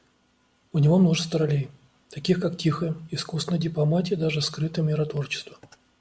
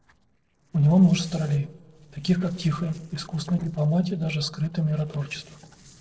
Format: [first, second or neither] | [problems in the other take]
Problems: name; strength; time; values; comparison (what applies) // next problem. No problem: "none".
first | noise reduction (neural separator model SepFormer DNS4)